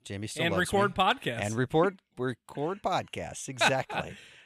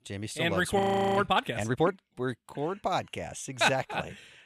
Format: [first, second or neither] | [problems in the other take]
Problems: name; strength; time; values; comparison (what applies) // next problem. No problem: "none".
first | audio freezing; at 1 s